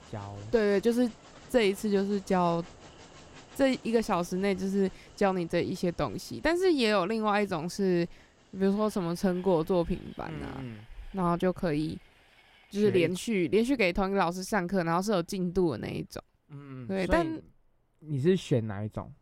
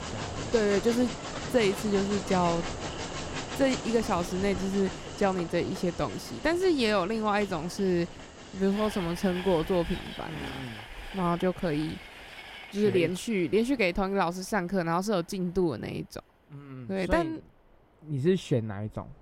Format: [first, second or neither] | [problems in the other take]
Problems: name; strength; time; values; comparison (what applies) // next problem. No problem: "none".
first | train or aircraft noise; loud; throughout; 10 dB below the speech; faint in the first